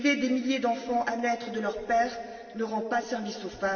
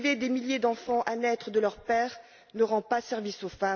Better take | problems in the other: second | room echo; dies away in 2.4 s

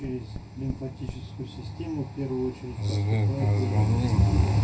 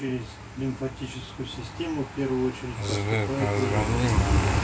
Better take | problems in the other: second | background sound (Tap); 19 dB below the speech // room echo; dies away in 0.4 s

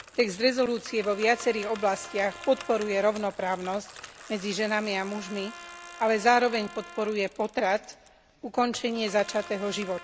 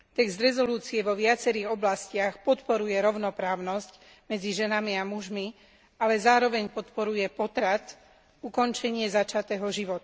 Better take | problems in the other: second | background sound (Bicycle + Trumpet); 17 dB below the speech

